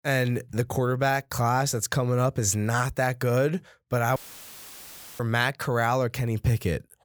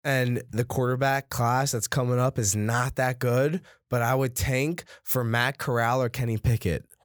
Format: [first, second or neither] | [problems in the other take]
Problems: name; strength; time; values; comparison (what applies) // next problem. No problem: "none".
second | audio cutting out; filled with static; at 4 s for 1 s